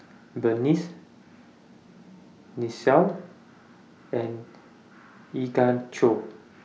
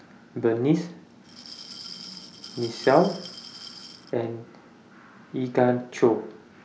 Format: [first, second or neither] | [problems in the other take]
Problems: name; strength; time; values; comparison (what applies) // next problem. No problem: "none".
first | background sound (Glass); 16 dB below the speech